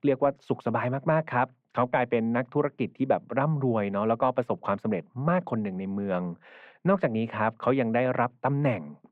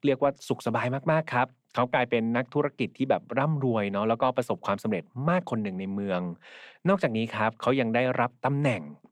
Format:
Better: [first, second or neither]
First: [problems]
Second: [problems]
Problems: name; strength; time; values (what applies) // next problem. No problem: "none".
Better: second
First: muffled; very; fading above 4 kHz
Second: none